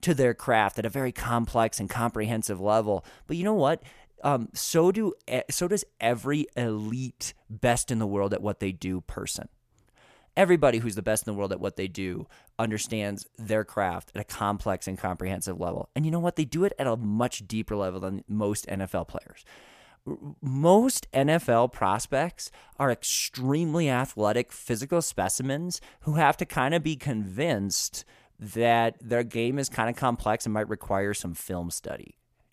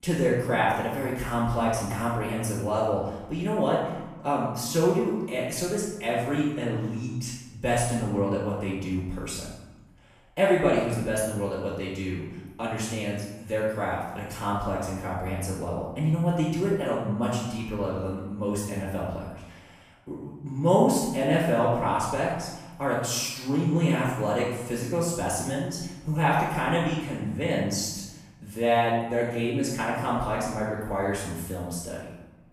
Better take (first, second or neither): first